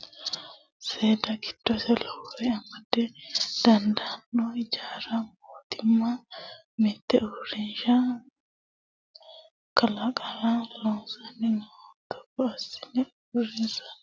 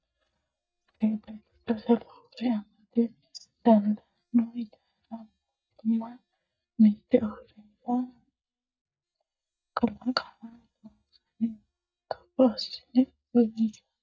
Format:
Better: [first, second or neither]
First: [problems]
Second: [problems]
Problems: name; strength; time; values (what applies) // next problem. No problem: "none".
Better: first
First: none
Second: noise reduction (neural mask model DeepFilterNet 3)